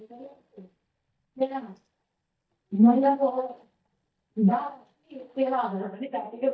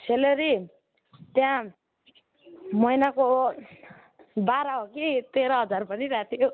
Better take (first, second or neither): second